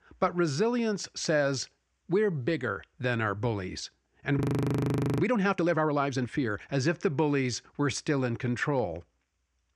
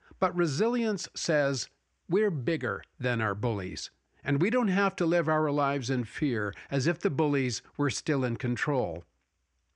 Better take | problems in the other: second | audio freezing; at 4.5 s for 1 s

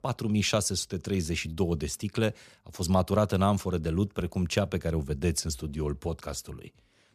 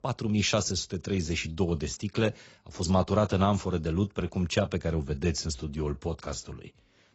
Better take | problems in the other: first | garbled, watery; badly; nothing above 7.5 kHz

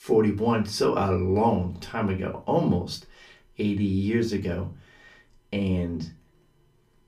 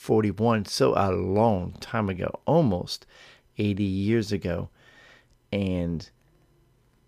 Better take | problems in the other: second | off-mic speech; far // room echo; very slight; dies away in 0.2 s

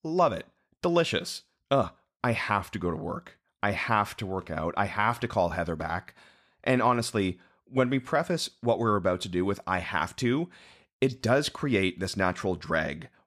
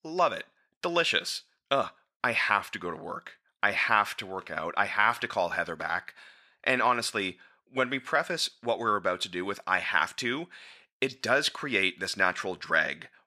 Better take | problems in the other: first | thin; somewhat; fading below 600 Hz

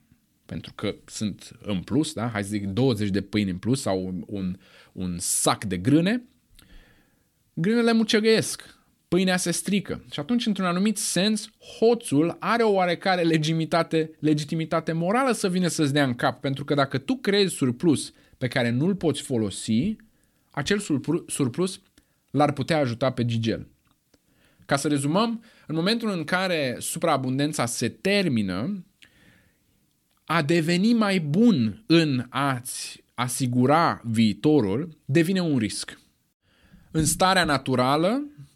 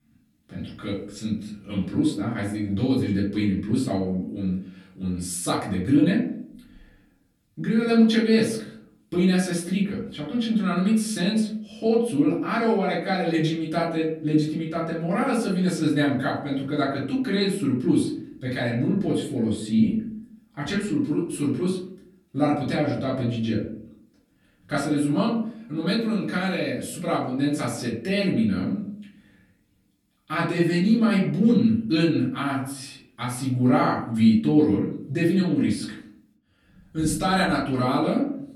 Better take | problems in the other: first | off-mic speech; far // room echo; slight; dies away in 0.6 s

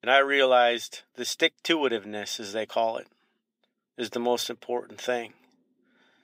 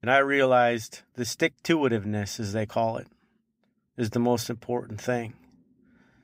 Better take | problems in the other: second | thin; somewhat; fading below 400 Hz

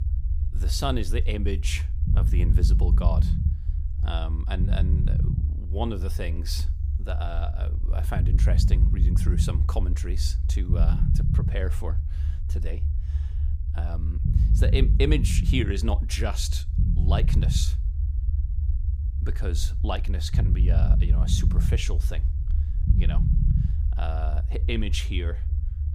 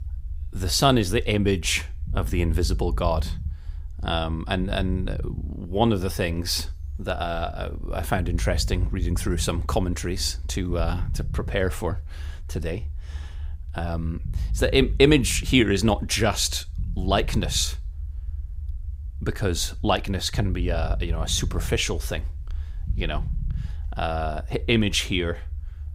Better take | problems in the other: second | low rumble; loud; throughout; 7 dB below the speech; faint in the second

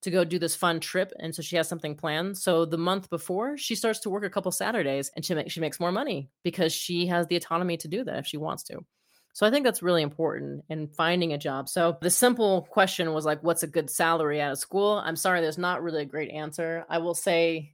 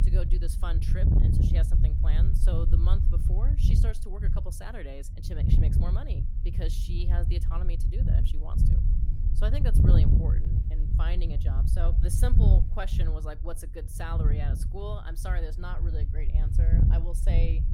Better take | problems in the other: first | wind noise on the microphone; heavy; 1 dB below the speech

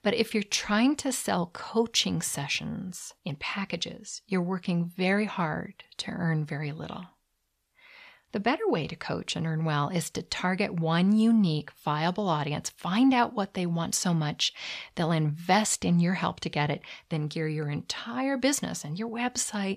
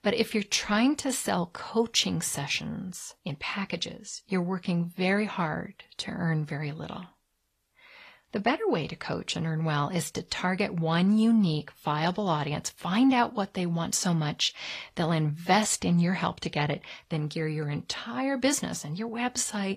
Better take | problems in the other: first | garbled, watery; slightly; nothing above 14.5 kHz

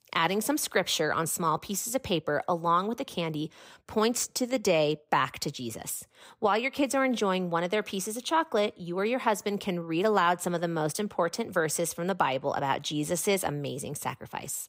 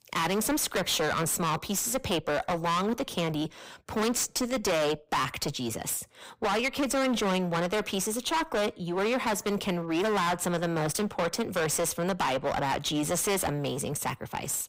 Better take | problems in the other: first | distortion; heavy; 24% of the sound clipped

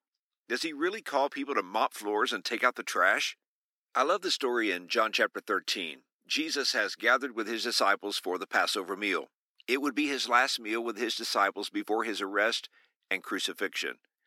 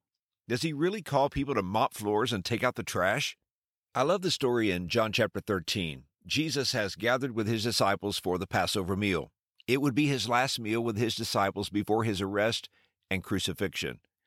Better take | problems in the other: second | thin; somewhat; fading below 250 Hz

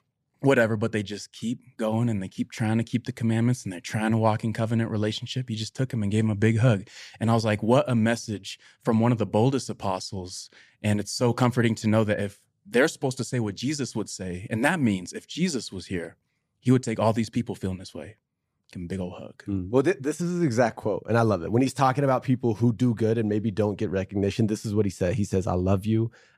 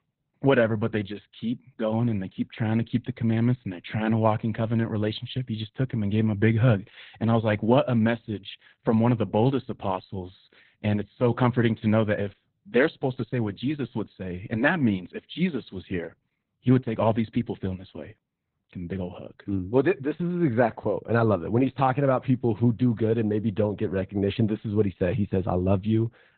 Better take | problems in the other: first | garbled, watery; badly; nothing above 4 kHz

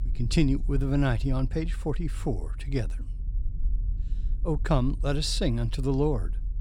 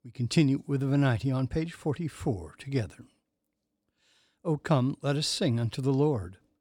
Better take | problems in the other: second | low rumble; faint; throughout; 25 dB below the speech

